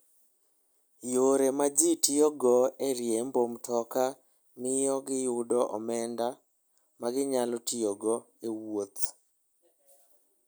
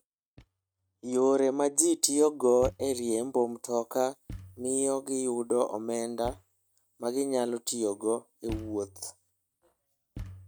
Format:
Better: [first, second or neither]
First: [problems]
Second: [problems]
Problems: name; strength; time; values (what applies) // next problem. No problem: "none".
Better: first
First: none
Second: noise reduction (neural mask model RNNoise)